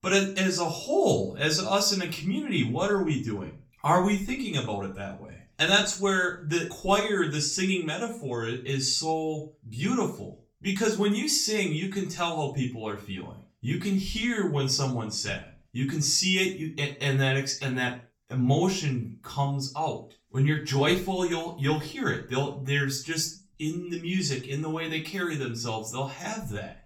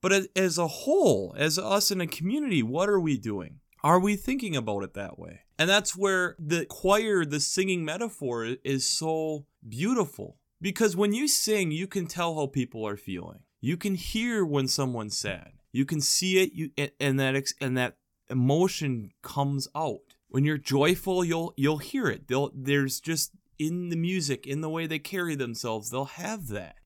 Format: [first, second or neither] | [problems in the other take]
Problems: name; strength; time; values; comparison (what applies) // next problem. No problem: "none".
second | room echo; slight; dies away in 0.3 s // off-mic speech; far